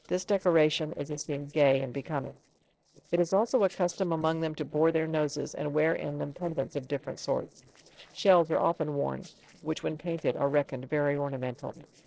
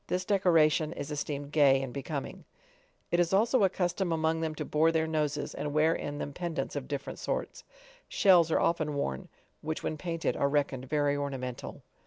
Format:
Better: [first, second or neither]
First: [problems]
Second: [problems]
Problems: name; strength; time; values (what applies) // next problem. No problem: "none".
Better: second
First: noise reduction (neural separator model SepFormer DNS4)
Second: none